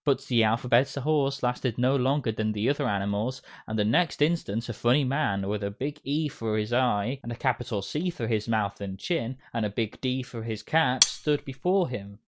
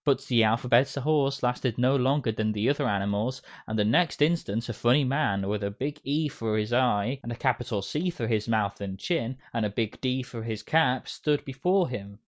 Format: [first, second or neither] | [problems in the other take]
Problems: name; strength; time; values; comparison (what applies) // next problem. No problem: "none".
second | background sound (Cutlery, silverware); 1 dB below the speech